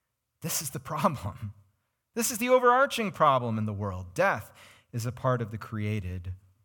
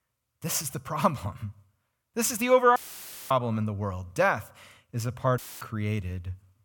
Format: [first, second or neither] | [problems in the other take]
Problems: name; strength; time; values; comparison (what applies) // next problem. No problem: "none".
first | audio cutting out; filled with static; at 3 s for 0.5 s and at 5.5 s